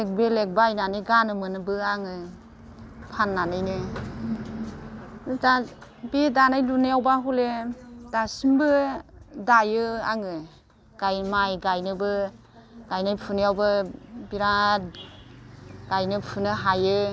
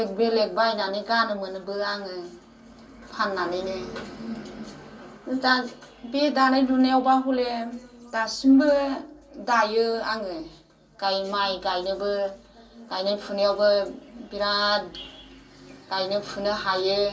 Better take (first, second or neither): first